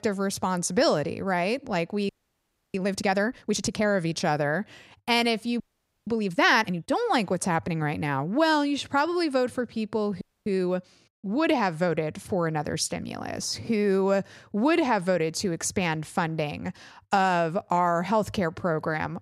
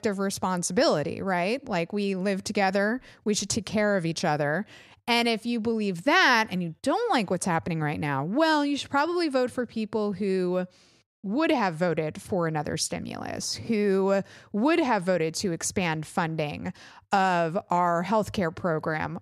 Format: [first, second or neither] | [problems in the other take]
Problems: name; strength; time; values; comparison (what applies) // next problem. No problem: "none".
second | audio freezing; at 2 s for 0.5 s, at 5.5 s and at 10 s